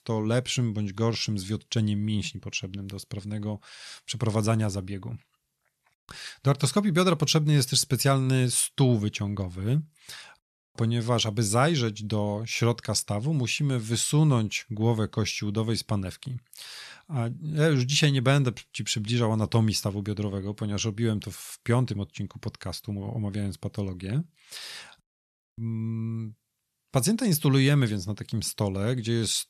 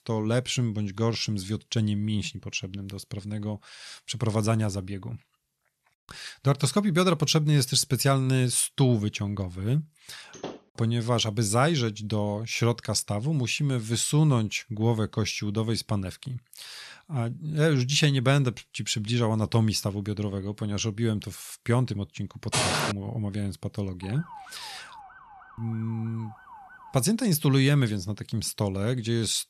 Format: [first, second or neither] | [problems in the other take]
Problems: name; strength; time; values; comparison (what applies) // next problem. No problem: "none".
first | door banging; faint; at 10 s; peak 15 dB below the speech // footsteps; loud; at 23 s; peak 2 dB above the speech // siren; faint; from 24 to 27 s; peak 20 dB below the speech